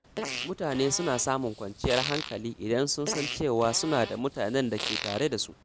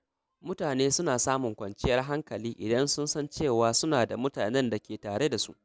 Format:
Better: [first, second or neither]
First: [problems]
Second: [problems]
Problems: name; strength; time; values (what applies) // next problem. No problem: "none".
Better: second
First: background sound (Fart); 9 dB below the speech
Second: none